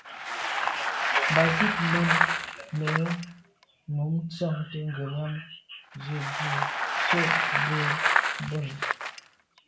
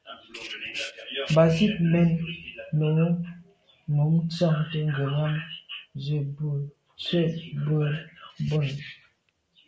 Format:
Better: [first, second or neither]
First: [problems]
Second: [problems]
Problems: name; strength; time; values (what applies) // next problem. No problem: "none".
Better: second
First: background sound (Bicycle); 3 dB above the speech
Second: none